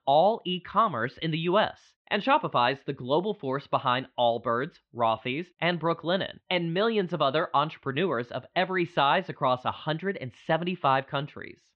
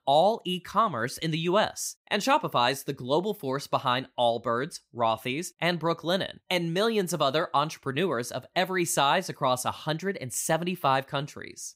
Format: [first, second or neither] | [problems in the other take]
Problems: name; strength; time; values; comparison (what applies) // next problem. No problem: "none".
second | muffled; very; fading above 3.5 kHz